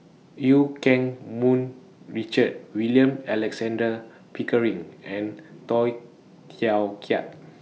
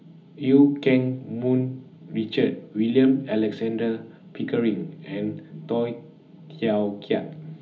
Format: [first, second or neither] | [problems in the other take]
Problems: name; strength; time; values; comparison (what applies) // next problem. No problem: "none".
first | room echo; dies away in 0.4 s